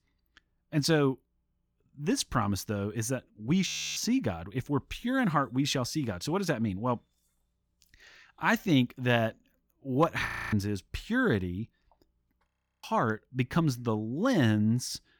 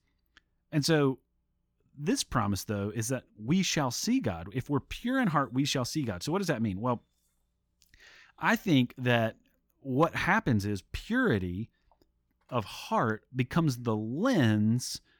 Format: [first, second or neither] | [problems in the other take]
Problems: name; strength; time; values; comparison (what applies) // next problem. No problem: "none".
second | audio freezing; at 3.5 s, at 10 s and at 12 s